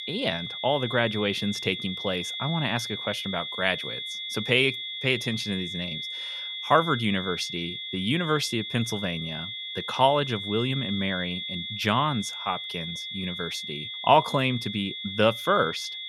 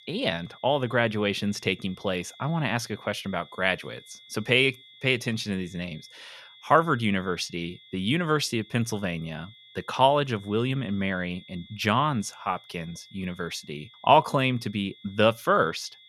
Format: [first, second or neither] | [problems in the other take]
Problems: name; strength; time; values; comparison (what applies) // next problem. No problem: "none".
second | high-pitched whine; loud; throughout; 3.5 kHz, 5 dB below the speech; faint in the second